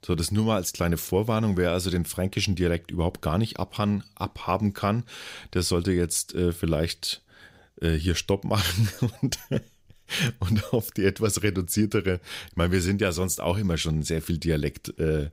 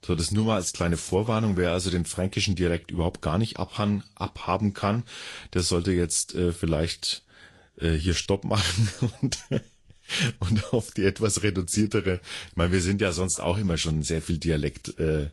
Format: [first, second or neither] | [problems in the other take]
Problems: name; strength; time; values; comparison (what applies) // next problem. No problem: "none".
first | garbled, watery; slightly; nothing above 10.5 kHz